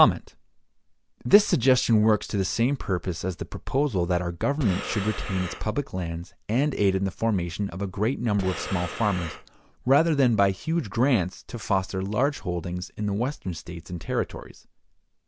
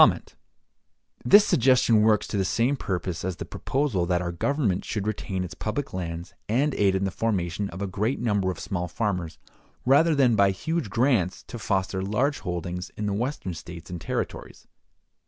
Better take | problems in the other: second | background sound (Breathing); 11 dB below the speech

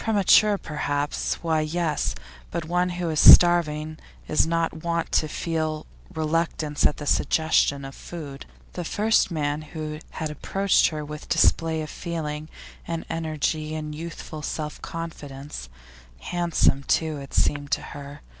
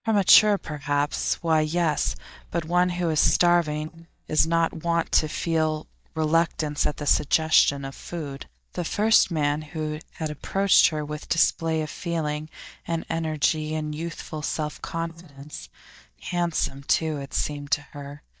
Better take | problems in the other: first | noise reduction (neural mask model DeepFilterNet 3)

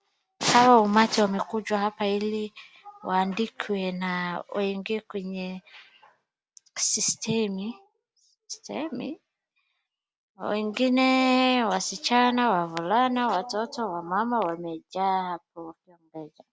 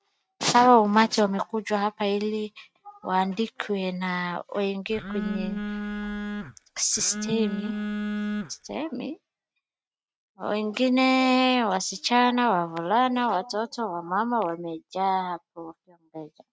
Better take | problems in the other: first | noise reduction (neural mask model RNNoise)

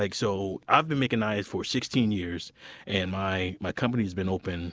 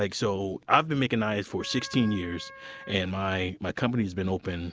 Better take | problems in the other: first | background sound (Wind instrument, woodwind instrument); 18 dB below the speech

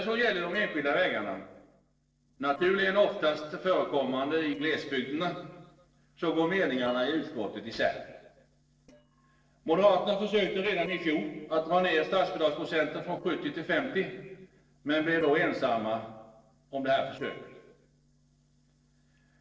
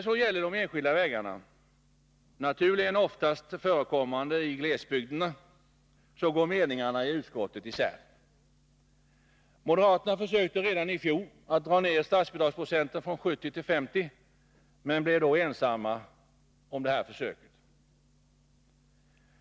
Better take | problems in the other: second | noise reduction (neural separator model SepFormer DNS4)

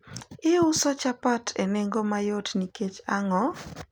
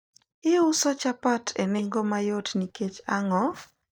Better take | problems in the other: first | noise reduction (neural mask model DeepFilterNet 3)

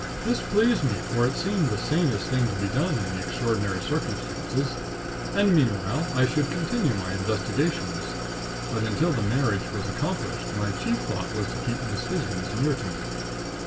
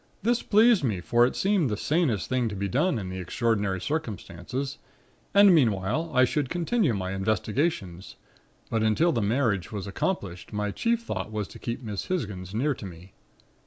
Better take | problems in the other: second | background sound (Idling); 4 dB below the speech // room echo; dies away in 0.2 s

